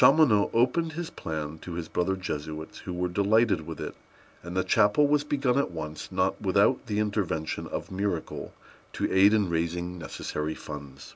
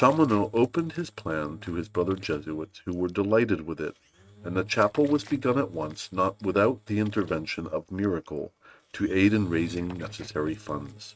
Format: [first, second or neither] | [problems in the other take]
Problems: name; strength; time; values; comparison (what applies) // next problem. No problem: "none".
first | noise reduction (neural mask model RNNoise)